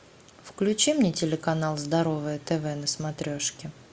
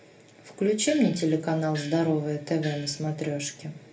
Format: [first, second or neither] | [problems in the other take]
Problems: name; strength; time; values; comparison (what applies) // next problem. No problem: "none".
first | background sound (Gong); 15 dB below the speech // room echo; dies away in 0.3 s